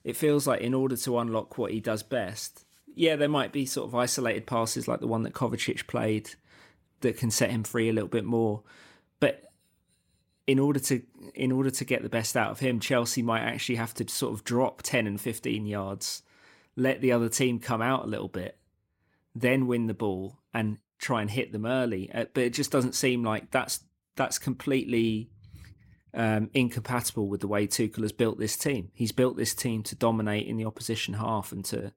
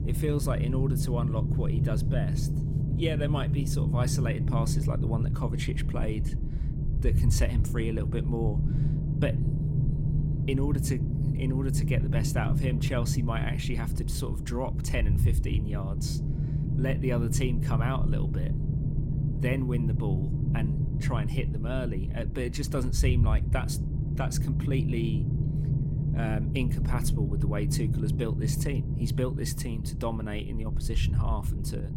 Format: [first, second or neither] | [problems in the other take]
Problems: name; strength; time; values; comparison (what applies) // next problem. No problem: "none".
first | low rumble; loud; throughout; 4 dB below the speech